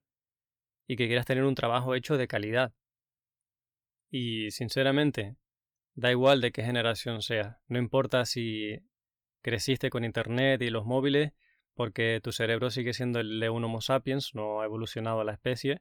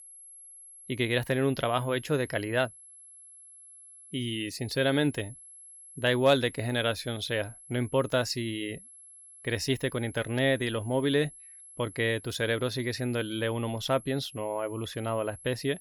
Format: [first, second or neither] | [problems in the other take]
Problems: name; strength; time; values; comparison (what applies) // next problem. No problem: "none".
first | high-pitched whine; noticeable; throughout; 11 kHz, 20 dB below the speech